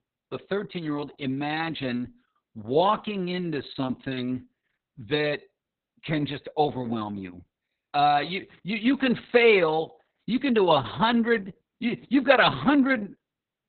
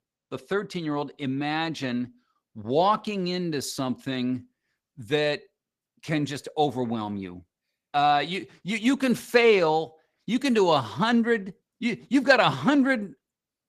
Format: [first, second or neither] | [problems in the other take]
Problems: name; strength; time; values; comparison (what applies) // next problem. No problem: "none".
second | garbled, watery; badly; nothing above 4 kHz; slightly in the second